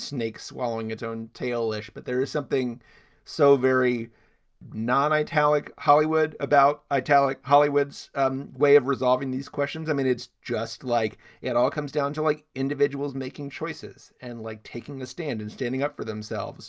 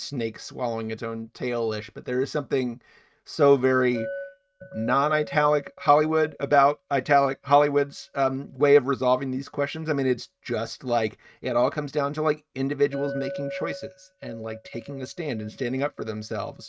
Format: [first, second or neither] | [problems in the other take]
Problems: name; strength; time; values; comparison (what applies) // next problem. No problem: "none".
first | noise reduction (neural mask model RNNoise)